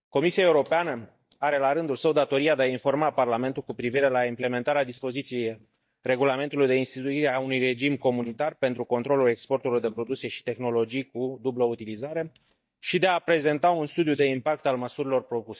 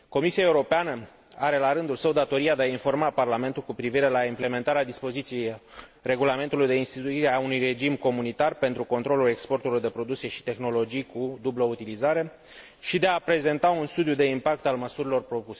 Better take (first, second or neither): second